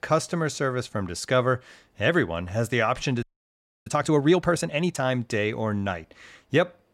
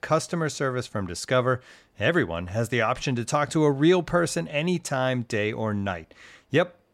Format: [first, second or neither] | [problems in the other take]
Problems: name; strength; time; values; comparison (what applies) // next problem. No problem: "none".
second | audio freezing; at 3 s for 0.5 s